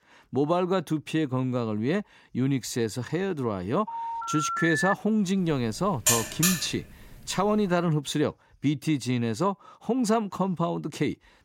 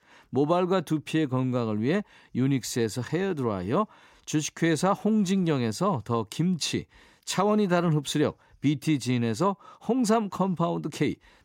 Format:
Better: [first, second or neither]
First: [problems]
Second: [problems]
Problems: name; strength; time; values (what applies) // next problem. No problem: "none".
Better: second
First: phone ringing; loud; from 4 to 5 s; peak 1 dB above the speech // alarm; loud; at 6 s; peak 4 dB above the speech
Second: none